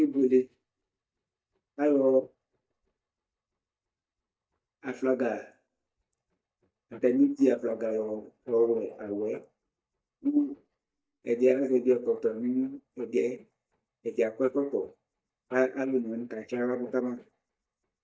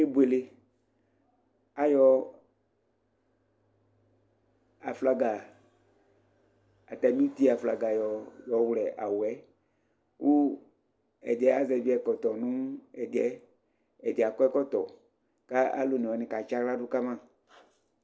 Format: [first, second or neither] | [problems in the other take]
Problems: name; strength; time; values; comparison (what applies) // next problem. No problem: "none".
second | noise reduction (neural mask model DeepFilterNet 3)